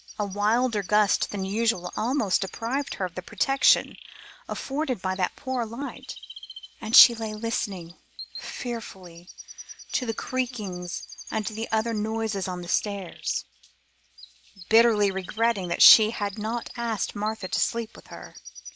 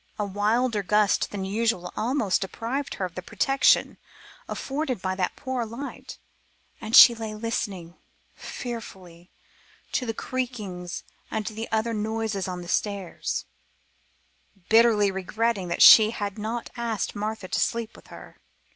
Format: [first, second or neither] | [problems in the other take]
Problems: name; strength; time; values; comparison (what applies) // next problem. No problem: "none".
second | background sound (Chirp, tweet); 16 dB below the speech